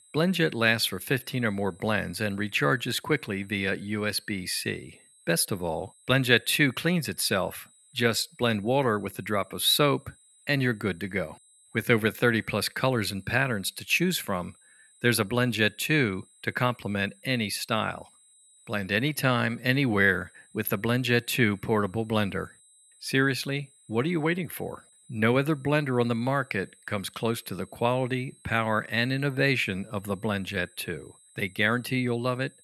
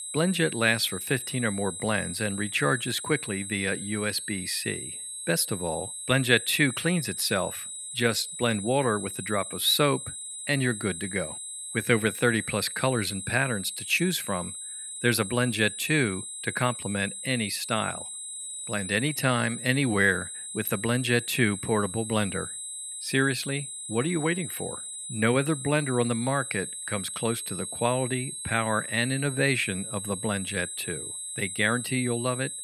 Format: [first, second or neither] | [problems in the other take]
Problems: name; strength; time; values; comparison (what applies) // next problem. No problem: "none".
first | high-pitched whine; loud; throughout; 8 kHz, 7 dB below the speech; faint in the first